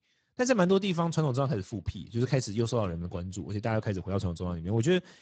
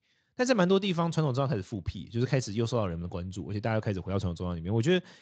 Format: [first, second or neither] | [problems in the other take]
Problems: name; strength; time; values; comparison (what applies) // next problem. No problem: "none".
second | garbled, watery; badly; nothing above 7.5 kHz; slightly in the second